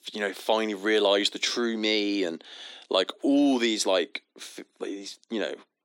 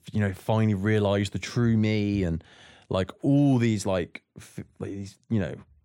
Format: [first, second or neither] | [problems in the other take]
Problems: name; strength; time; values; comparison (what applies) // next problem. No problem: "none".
second | thin; somewhat; fading below 250 Hz